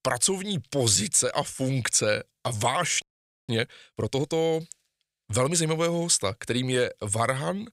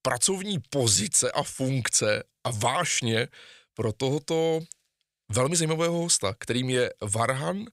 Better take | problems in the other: second | audio freezing; at 3 s

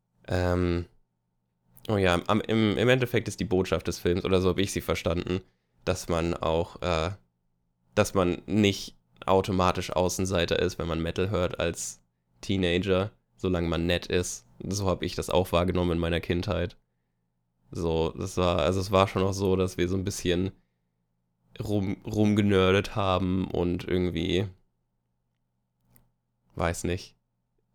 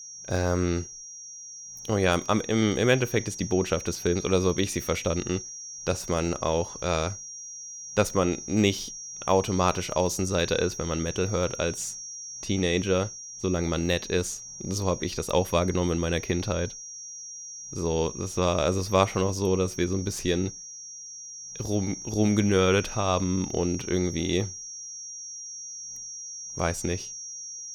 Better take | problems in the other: first | high-pitched whine; noticeable; throughout; 5.5 kHz, 10 dB below the speech

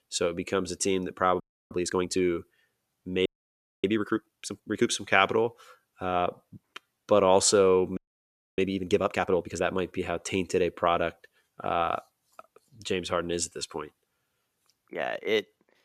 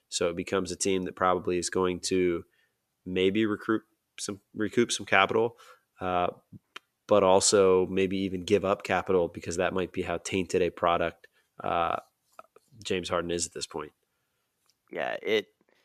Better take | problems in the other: second | audio freezing; at 1.5 s, at 3.5 s for 0.5 s and at 8 s for 0.5 s

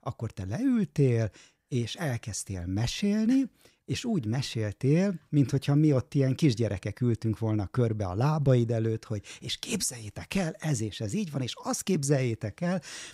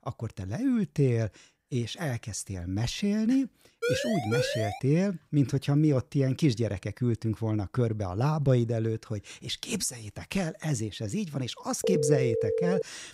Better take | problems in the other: first | siren; noticeable; at 4 s; peak level with the speech // phone ringing; loud; at 12 s; peak 2 dB above the speech

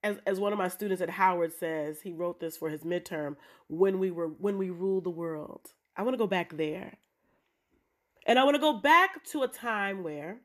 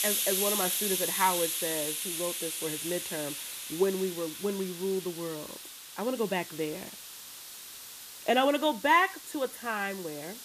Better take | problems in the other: first | hiss; loud; throughout; 3 dB below the speech

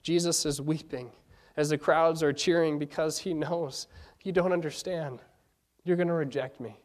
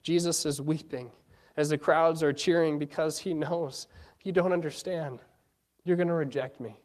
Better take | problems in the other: first | garbled, watery; slightly; nothing above 14 kHz

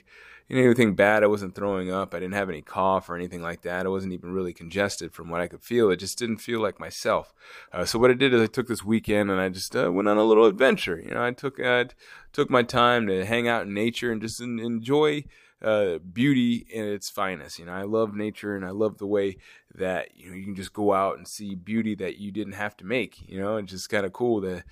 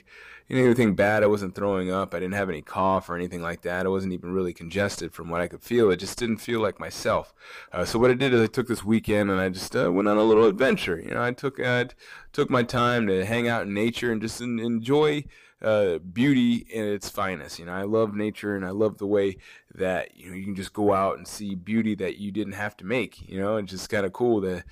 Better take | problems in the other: first | distortion; slight; 10 dB below the speech

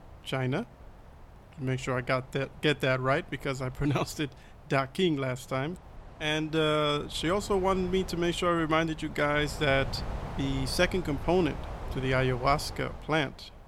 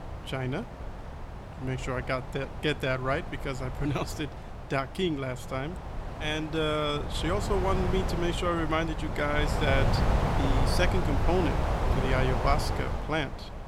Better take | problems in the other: first | wind noise on the microphone; heavy; 4 dB below the speech; occasional gusts in the first

